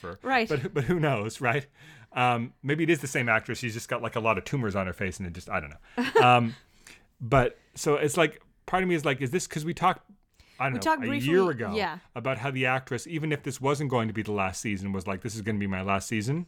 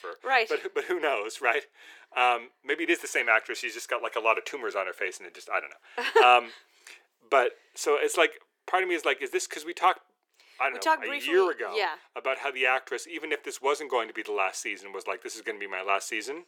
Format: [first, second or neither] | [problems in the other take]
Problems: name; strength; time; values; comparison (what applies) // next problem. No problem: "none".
first | thin; very; fading below 350 Hz